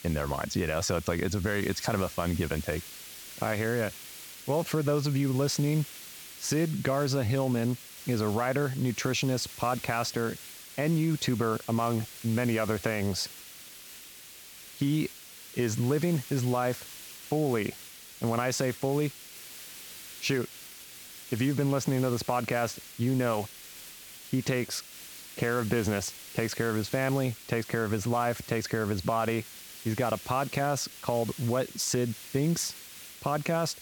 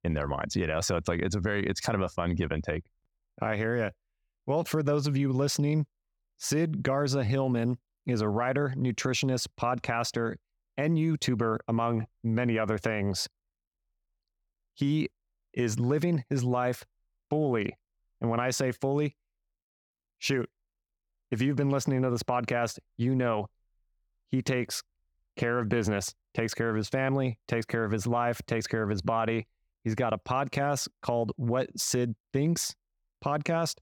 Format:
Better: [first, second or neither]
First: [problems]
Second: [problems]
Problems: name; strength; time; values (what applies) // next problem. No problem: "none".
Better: second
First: hiss; noticeable; throughout; 15 dB below the speech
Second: none